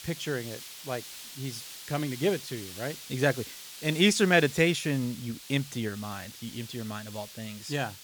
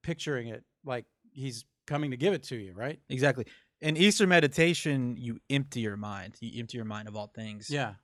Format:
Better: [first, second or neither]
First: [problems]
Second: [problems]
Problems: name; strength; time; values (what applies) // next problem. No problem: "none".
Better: second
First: hiss; noticeable; throughout; 15 dB below the speech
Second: none